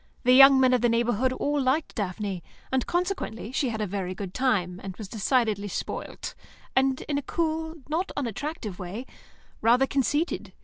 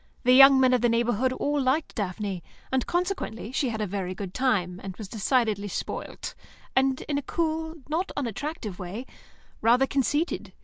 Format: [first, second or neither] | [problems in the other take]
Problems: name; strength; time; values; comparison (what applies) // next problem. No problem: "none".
second | background sound (Thump, thud); 12 dB below the speech